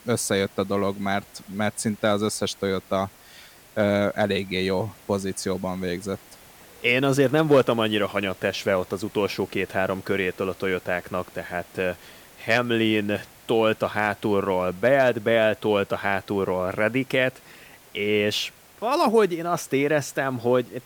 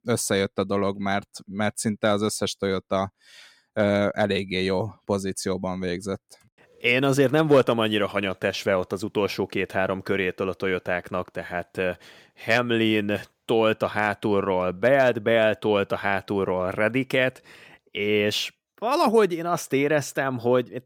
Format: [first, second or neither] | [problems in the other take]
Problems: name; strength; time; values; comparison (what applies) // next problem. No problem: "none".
second | hiss; faint; throughout; 25 dB below the speech